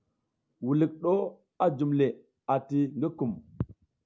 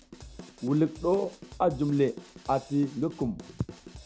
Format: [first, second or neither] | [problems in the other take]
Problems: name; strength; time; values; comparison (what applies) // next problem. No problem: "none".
first | background sound (Drum / Drum kit); 17 dB below the speech